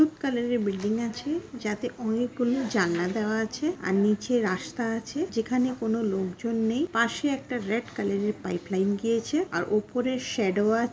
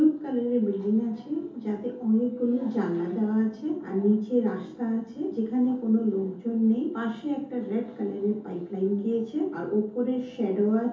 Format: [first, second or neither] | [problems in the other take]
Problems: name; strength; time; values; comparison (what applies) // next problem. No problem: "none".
first | room echo; dies away in 0.5 s